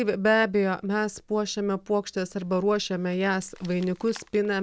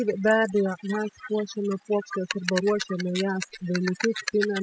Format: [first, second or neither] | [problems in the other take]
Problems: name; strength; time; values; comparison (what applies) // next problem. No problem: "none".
first | noise reduction (classical method spectral subtraction)